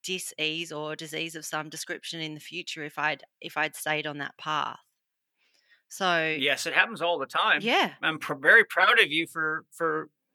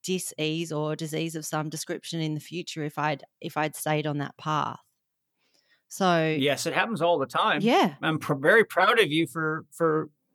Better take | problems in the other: second | thin; somewhat; fading below 800 Hz

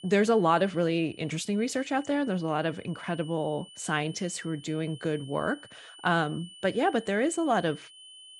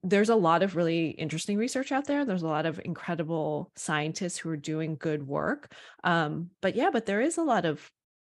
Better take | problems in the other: second | high-pitched whine; noticeable; throughout; 3 kHz, 20 dB below the speech

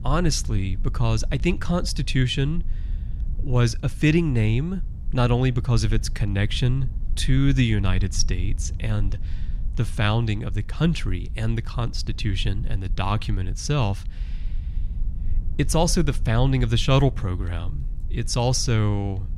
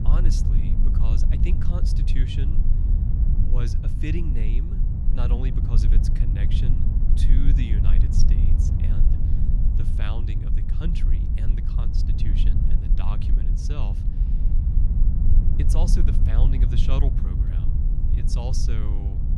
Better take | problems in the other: first | low rumble; loud; throughout; 1 dB below the speech; faint in the first

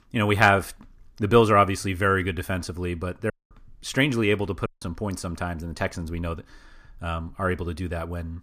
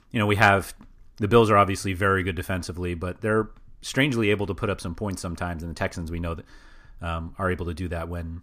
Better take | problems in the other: second | audio cutting out; at 3.5 s and at 4.5 s

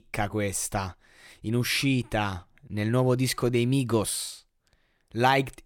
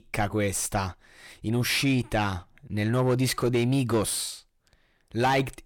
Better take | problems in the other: first | distortion; slight; 10 dB below the speech

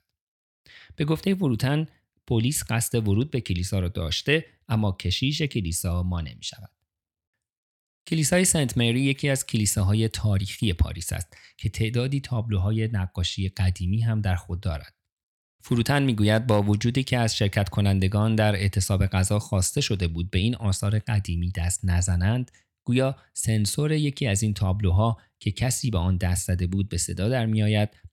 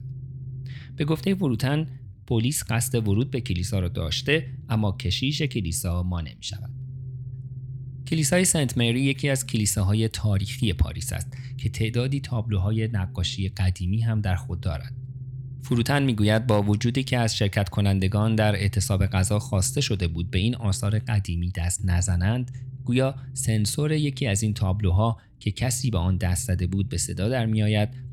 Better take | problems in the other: first | low rumble; faint; throughout; 20 dB below the speech

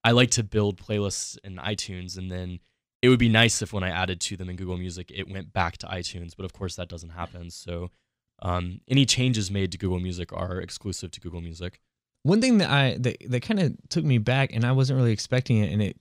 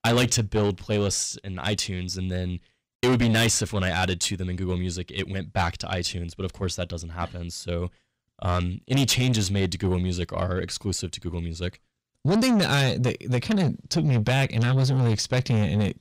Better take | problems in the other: first | distortion; heavy; 7 dB below the speech

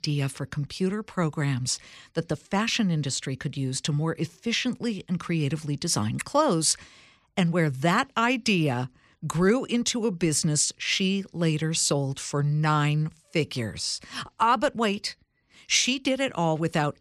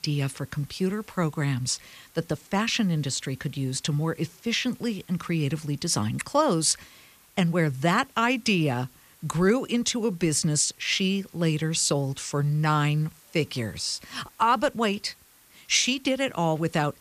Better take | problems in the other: first | hiss; faint; throughout; 30 dB below the speech

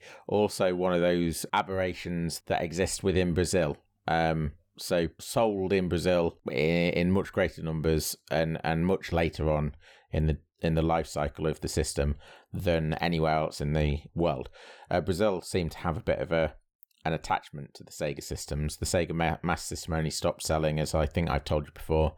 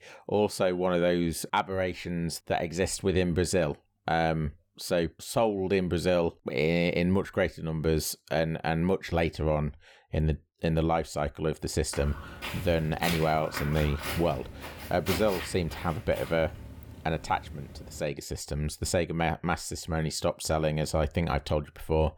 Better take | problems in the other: first | footsteps; noticeable; from 12 to 18 s; peak 4 dB below the speech

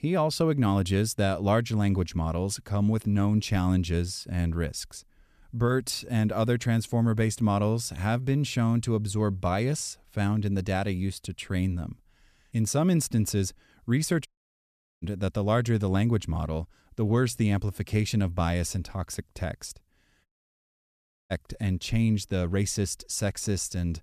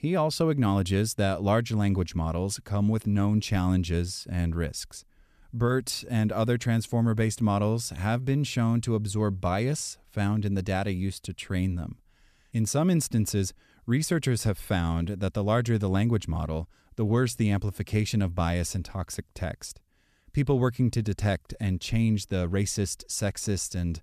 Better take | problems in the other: second | audio cutting out; at 14 s for 1 s and at 20 s for 1 s

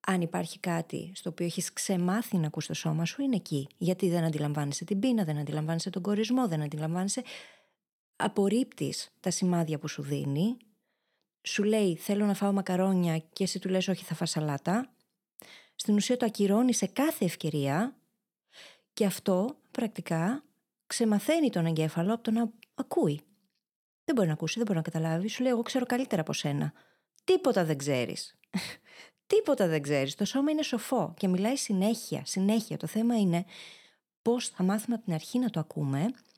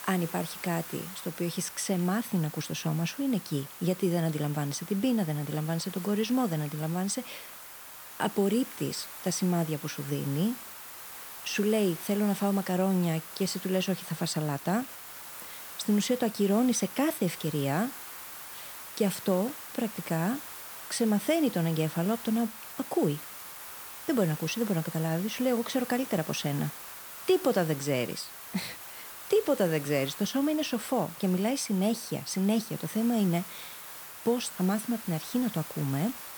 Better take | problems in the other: first | hiss; noticeable; throughout; 10 dB below the speech

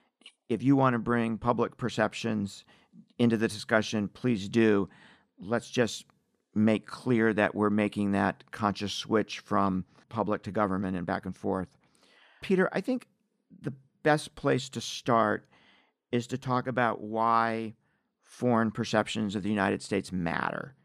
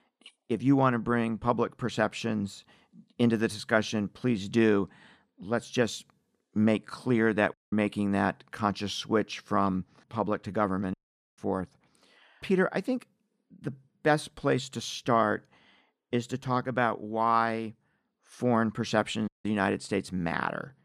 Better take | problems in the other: first | audio cutting out; at 7.5 s, at 11 s and at 19 s

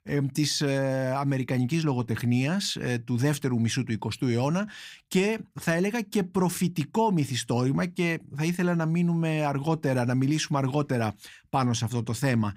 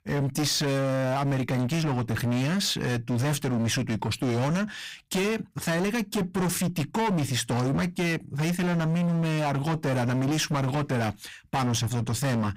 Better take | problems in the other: first | distortion; heavy; 31% of the sound clipped

